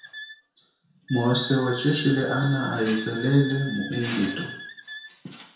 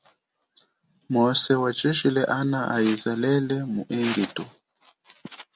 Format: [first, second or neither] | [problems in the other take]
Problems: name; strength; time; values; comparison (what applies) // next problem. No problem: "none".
second | background sound (Wind instrument, woodwind instrument); 13 dB below the speech // room echo; dies away in 0.5 s